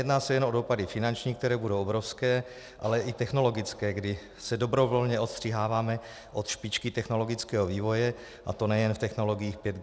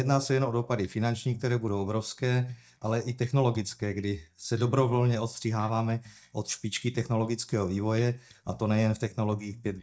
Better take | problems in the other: first | noise reduction (neural mask model DeepFilterNet 3)

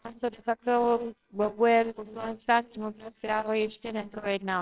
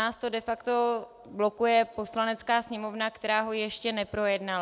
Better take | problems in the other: second | noise reduction (neural separator model SepFormer WHAMR!)

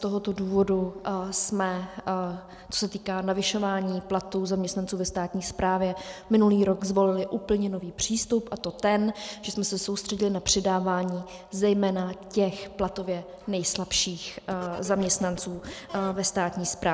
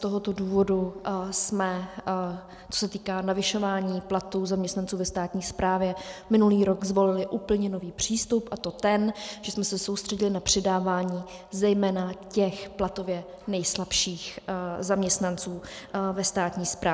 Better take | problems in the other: second | background sound (Scratching (performance technique)); 17 dB below the speech

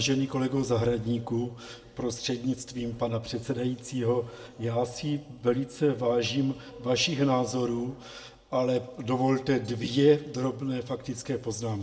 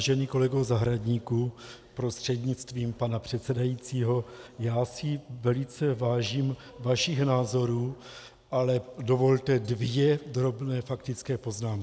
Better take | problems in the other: second | room echo; dies away in 0.3 s

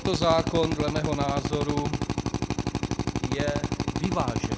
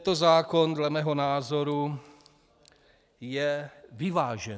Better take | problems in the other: second | background sound (Drill); 1 dB above the speech

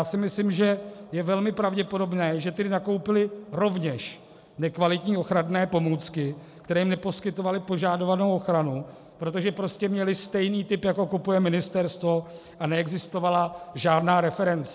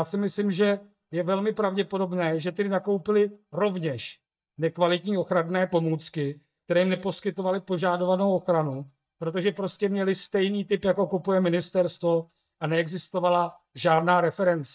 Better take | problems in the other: first | noise reduction (neural mask model DeepFilterNet 3)

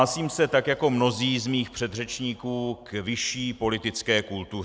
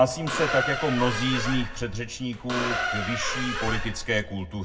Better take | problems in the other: first | background sound (Squeak); 3 dB below the speech // room echo; dies away in 0.3 s

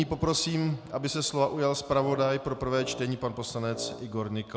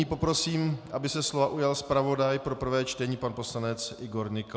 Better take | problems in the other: second | background sound (Wind instrument, woodwind instrument); 14 dB below the speech

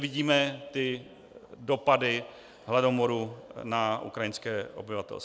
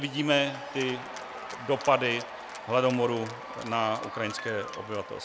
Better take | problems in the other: first | background sound (Applause / Cheering); 11 dB below the speech

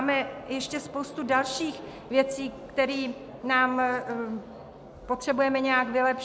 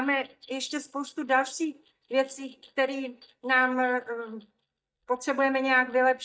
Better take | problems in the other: first | noise reduction (neural mask model DeepFilterNet 3)

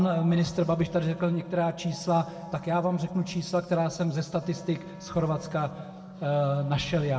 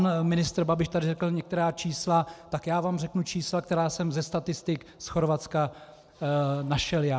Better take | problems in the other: second | background sound (Wind instrument, woodwind instrument); 18 dB below the speech // room echo; dies away in 1.2 s

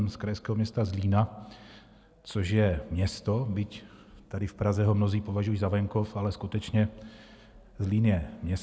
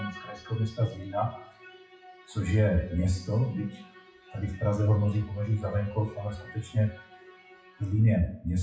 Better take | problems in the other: first | noise reduction (classical method WPE with log-MMSE)

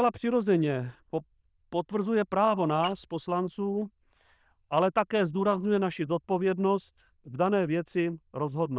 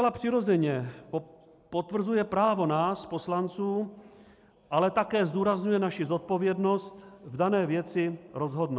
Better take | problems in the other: second | noise reduction (neural diffusion model UNIVERSE++)

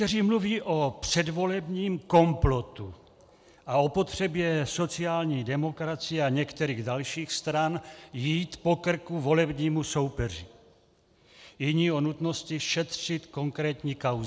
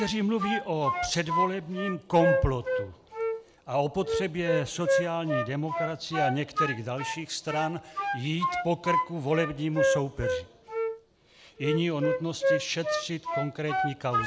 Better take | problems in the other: first | background sound (Wind instrument, woodwind instrument); as loud as the speech

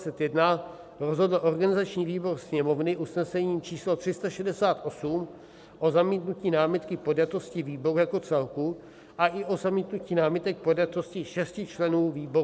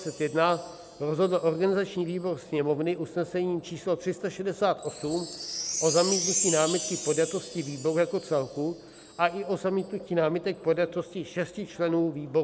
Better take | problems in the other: first | background sound (Wind chime); 10 dB below the speech

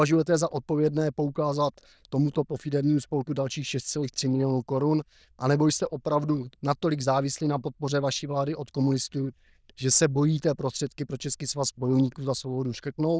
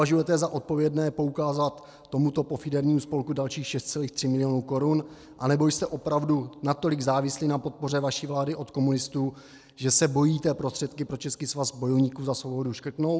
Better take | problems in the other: second | noise reduction (neural diffusion model UNIVERSE++)

